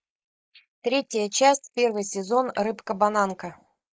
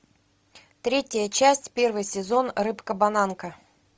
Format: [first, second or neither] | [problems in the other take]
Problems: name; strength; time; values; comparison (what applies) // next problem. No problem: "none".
second | noise reduction (neural mask model Resemble Enhance denoiser)